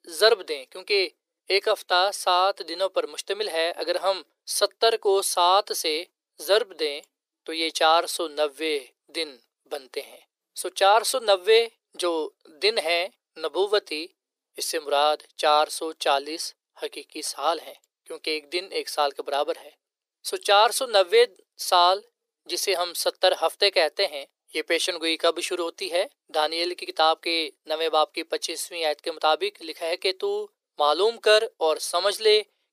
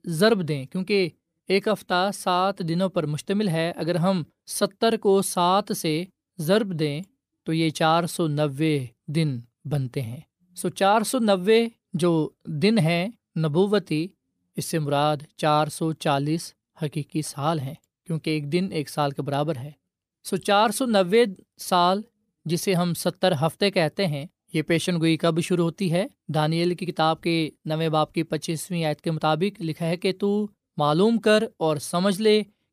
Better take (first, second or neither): second